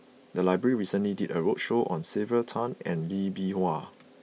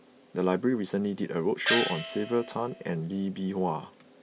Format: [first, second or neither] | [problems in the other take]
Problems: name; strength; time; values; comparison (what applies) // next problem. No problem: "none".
first | background sound (Gong); 3 dB below the speech